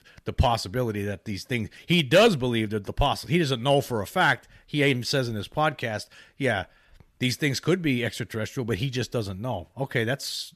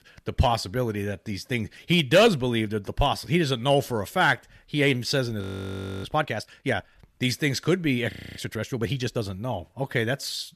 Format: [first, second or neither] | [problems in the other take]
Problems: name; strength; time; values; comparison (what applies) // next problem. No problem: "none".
first | audio freezing; at 5.5 s for 0.5 s and at 8 s